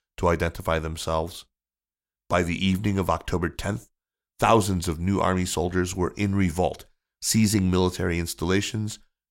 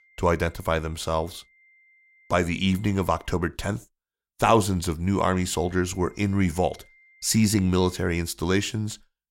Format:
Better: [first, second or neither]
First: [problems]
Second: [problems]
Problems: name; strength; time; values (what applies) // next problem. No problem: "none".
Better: first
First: none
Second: high-pitched whine; faint; until 3.5 s and from 5.5 to 8 s; 2 kHz, 30 dB below the speech